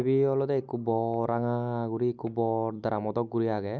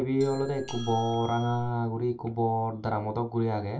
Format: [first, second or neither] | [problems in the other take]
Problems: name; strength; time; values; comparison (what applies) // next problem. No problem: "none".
first | background sound (Doorbell); 13 dB below the speech // room echo; dies away in 0.2 s